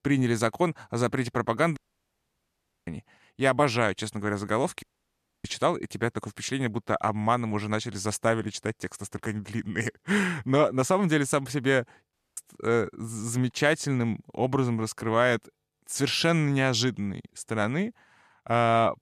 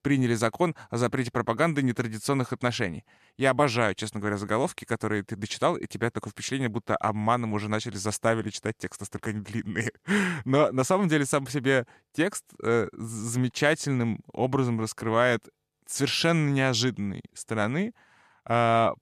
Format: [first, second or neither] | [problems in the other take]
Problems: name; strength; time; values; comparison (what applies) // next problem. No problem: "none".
second | audio cutting out; at 2 s for 1 s, at 5 s for 0.5 s and at 12 s